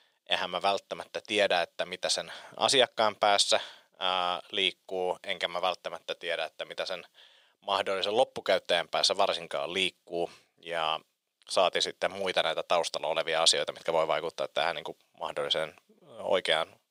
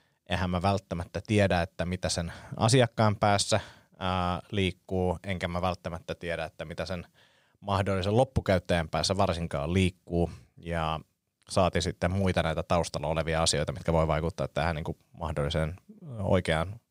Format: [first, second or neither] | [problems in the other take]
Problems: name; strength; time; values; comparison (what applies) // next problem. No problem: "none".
second | thin; very; fading below 500 Hz